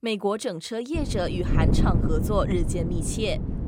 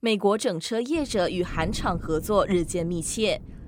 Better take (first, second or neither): second